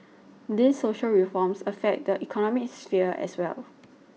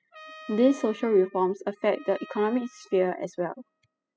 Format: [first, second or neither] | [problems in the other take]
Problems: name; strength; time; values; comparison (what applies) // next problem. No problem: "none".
first | noise reduction (classical method spectral subtraction)